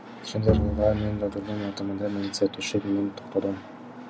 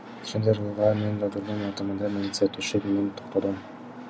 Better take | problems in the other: second | background sound (Bowed string instrument); 2 dB below the speech

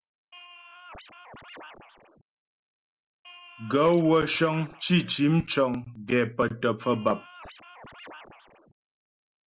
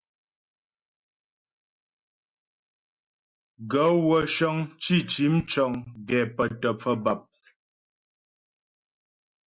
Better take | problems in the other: second | background sound (Scratching (performance technique)); 19 dB below the speech

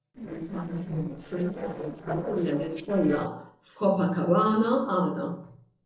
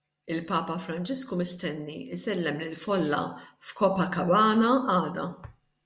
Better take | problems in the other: second | noise reduction (neural separator model SepFormer DNS4)

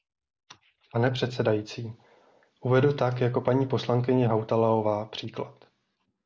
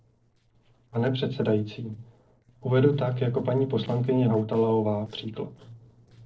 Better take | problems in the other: first | noise reduction (neural separator model SepFormer DNS4)

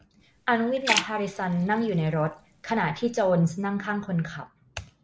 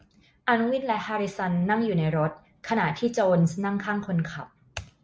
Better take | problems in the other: second | background sound (Splash, splatter); 8 dB below the speech

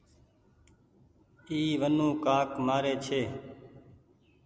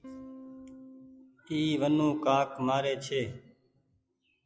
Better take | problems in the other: first | noise reduction (classical method log-MMSE)

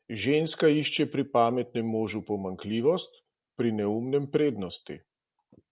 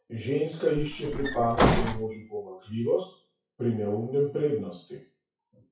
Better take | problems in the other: first | noise reduction (classical method WPE with log-MMSE)

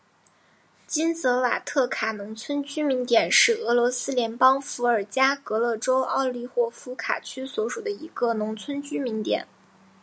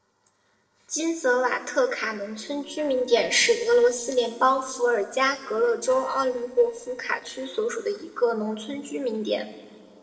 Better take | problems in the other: first | noise reduction (neural separator model SepFormer DNS4)

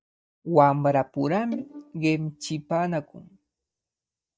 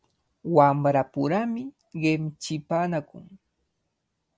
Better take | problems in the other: second | noise reduction (neural mask model DeepFilterNet 3)

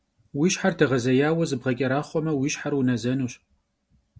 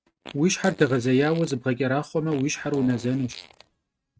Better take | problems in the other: first | noise reduction (neural mask model RNNoise)

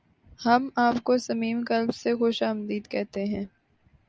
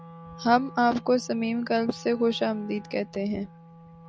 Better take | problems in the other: first | background sound (Wind instrument, woodwind instrument); 19 dB below the speech

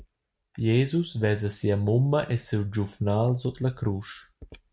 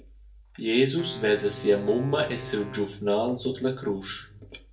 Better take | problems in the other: first | background sound (Wind instrument, woodwind instrument); 15 dB below the speech // room echo; dies away in 0.2 s

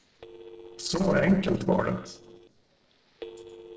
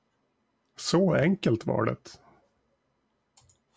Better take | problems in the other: second | noise reduction (neural separator model SepFormer DNS4)

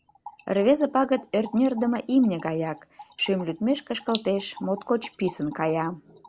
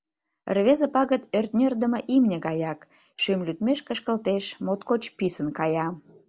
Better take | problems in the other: second | background sound (Trickle, dribble / Splash, splatter); 20 dB below the speech

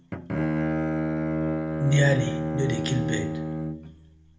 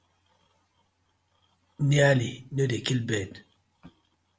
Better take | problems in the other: second | background sound (Bowed string instrument); 1 dB above the speech // room echo; dies away in 0.7 s

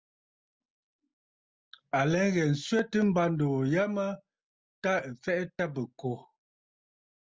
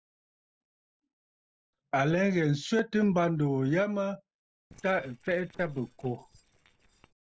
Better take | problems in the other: first | noise reduction (neural separator model SepFormer DNS4)

